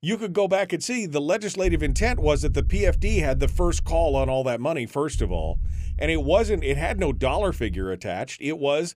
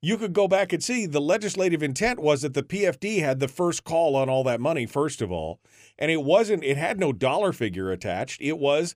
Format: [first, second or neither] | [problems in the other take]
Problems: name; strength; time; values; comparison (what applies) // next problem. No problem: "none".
second | low rumble; faint; from 1.5 to 4.5 s and from 5 to 8 s; 25 dB below the speech